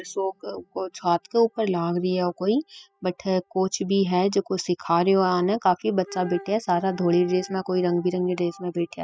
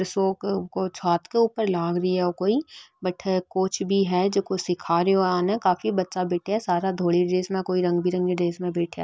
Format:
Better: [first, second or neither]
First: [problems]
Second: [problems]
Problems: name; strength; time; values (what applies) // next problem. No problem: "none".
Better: second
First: noise reduction (classical method spectral subtraction)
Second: none